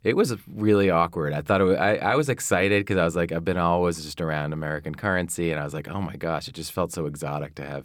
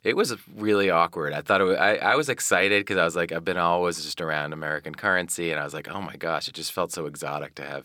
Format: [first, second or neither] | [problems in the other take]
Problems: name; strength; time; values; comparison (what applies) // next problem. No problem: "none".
first | thin; somewhat; fading below 450 Hz